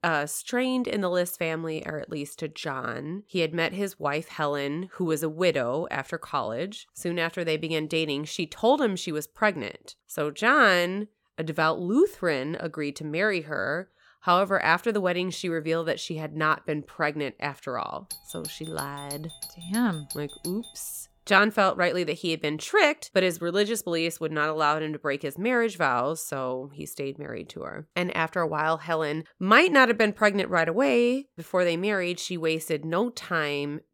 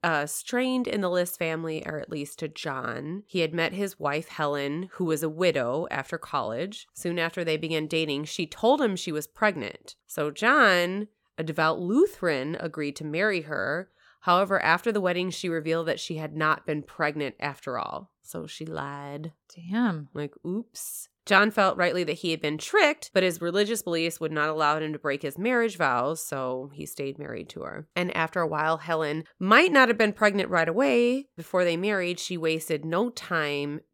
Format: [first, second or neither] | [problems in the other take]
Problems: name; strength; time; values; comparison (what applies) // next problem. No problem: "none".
second | doorbell; faint; from 18 to 21 s; peak 10 dB below the speech